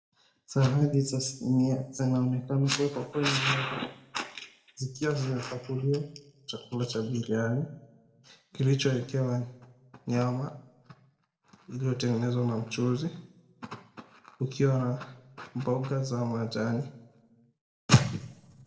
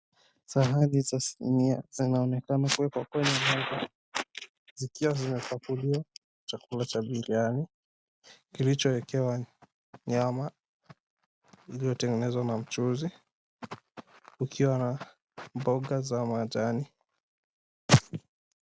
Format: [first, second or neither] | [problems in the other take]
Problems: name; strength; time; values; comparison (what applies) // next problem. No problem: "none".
second | room echo; dies away in 0.6 s